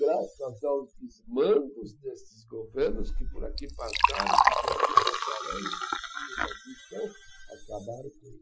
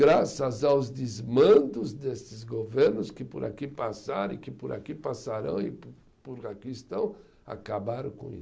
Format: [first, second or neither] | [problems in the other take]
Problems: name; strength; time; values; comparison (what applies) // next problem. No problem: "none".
second | noise reduction (classical method Wiener filter)